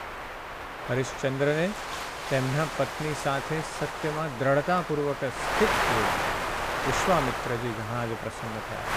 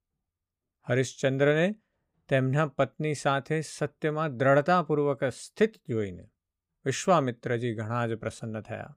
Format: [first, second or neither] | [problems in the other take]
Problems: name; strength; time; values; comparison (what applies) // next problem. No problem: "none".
second | wind noise on the microphone; heavy; as loud as the speech